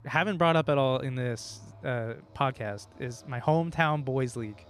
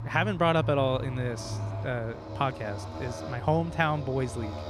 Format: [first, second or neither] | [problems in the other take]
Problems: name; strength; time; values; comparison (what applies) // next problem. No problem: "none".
first | traffic noise; loud; throughout; 8 dB below the speech; faint in the first